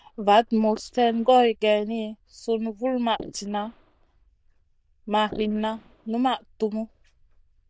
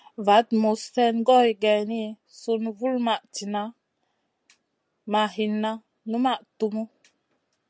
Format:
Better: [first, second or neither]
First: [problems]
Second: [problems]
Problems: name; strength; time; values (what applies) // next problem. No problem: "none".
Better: second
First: noise reduction (neural diffusion model UNIVERSE++)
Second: none